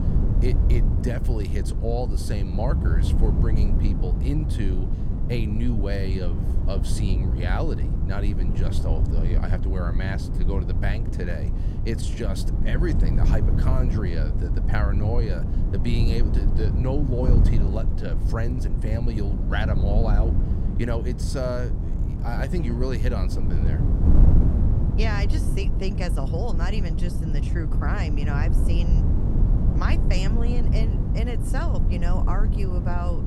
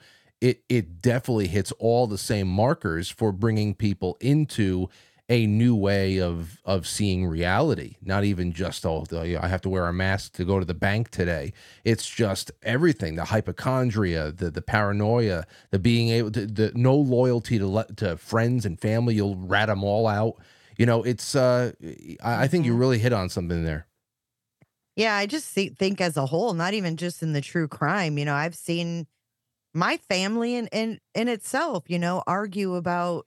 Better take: second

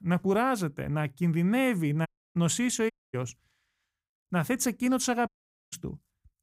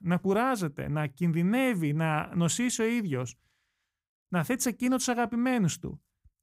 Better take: second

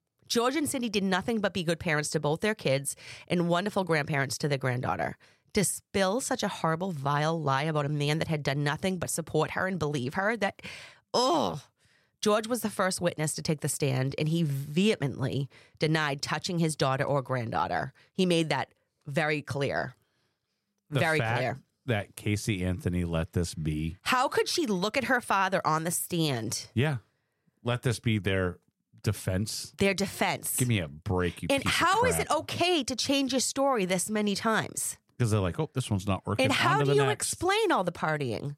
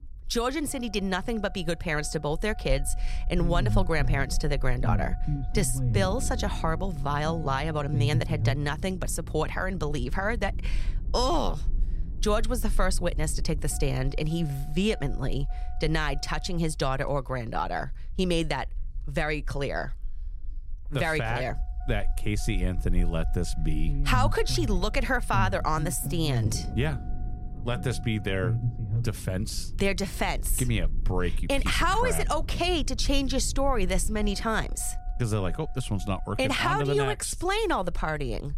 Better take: first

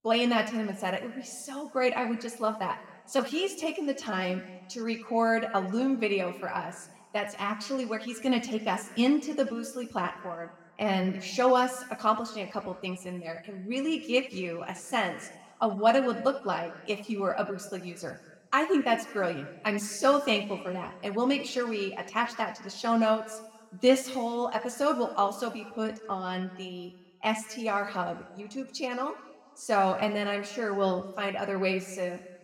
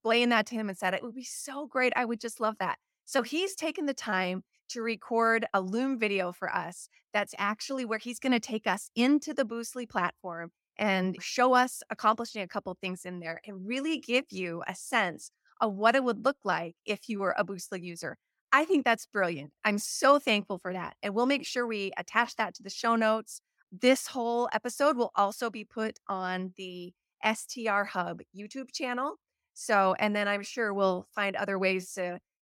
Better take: second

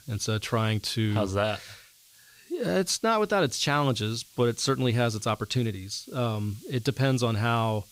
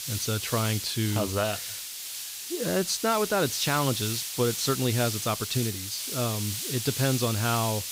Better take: first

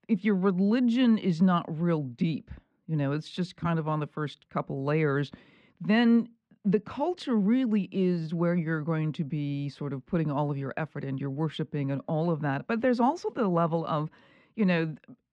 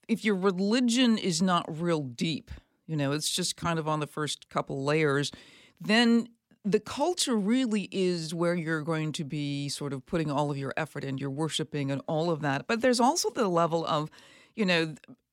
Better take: second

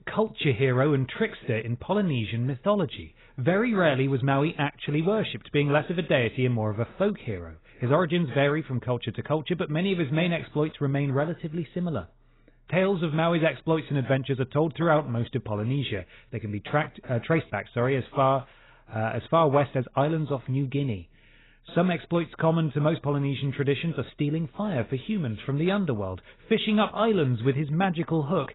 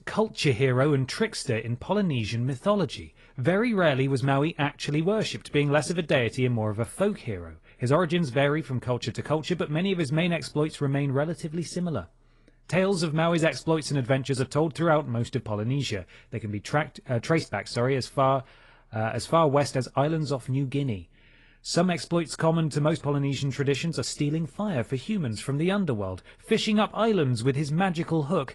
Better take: second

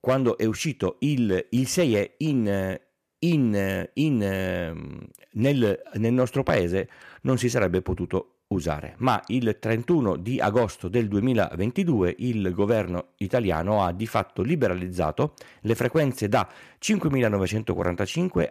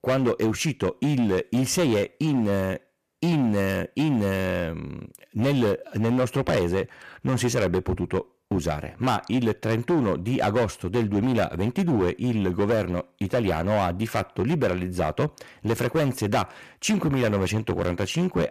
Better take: first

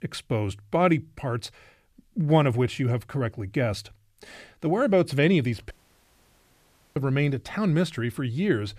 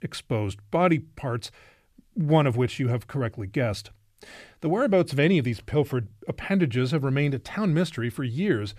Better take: second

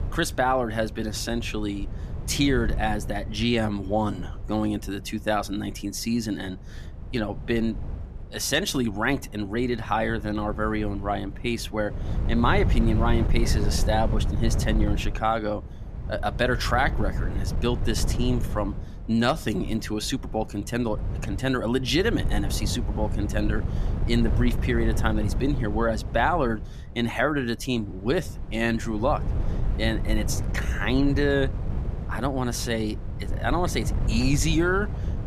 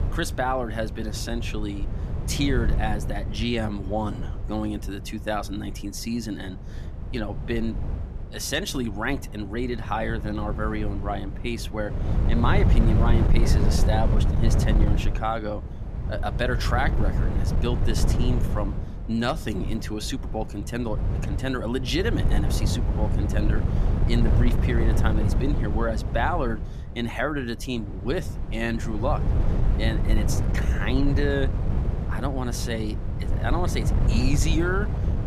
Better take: first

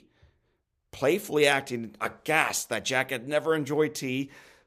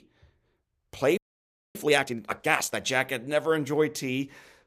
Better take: first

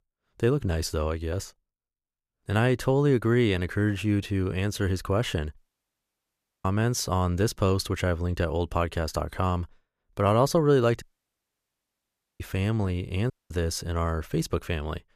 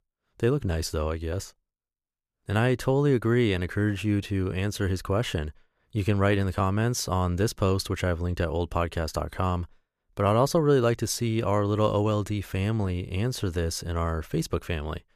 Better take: second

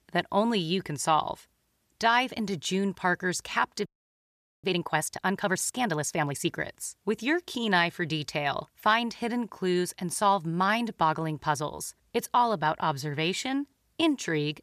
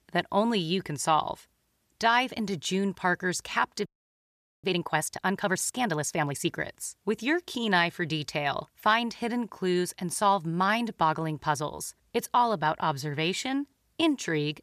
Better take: neither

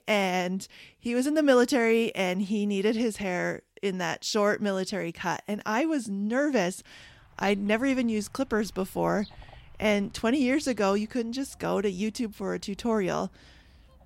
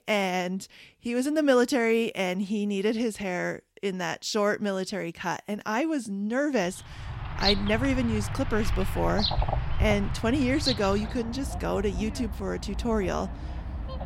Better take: first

